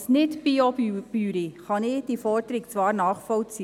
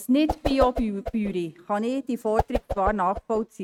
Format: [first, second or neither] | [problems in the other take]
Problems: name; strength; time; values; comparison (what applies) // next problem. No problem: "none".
first | noise reduction (neural mask model RNNoise)